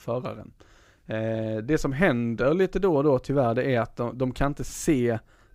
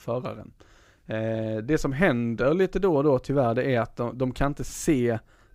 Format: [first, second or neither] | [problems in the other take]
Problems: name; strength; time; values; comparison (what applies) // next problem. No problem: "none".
neither | none